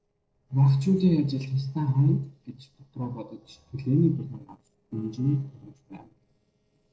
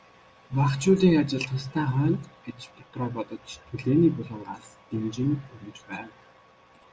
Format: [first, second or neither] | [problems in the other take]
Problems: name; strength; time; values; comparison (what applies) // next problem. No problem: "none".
second | noise reduction (neural separator model SepFormer DNS4)